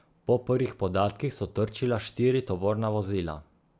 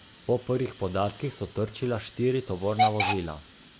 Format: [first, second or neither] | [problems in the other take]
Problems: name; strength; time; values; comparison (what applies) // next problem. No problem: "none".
first | background sound (Hiss / Alarm / Train); 4 dB below the speech